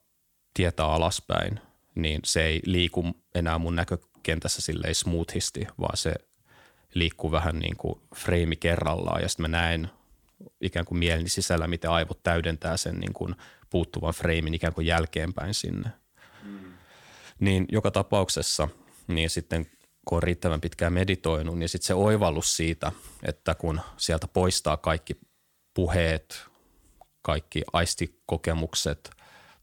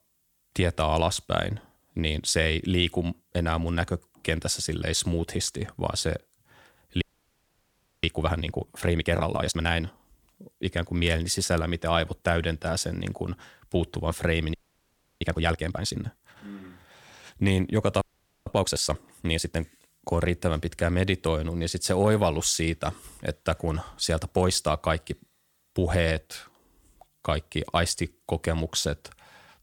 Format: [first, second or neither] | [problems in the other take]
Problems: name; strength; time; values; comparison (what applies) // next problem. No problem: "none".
first | audio freezing; at 7 s for 1 s, at 15 s for 0.5 s and at 18 s